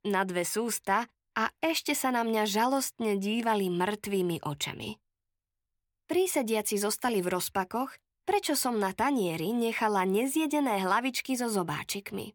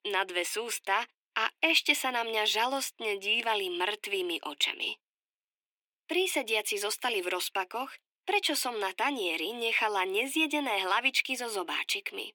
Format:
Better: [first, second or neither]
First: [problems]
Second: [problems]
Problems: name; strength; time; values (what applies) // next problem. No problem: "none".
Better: first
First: none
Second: thin; somewhat; fading below 300 Hz